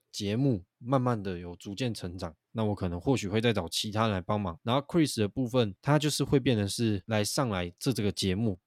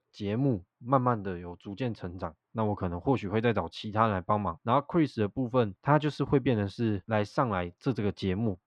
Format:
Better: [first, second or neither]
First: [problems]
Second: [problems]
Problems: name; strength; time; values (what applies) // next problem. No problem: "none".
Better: first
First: none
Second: muffled; very; fading above 2.5 kHz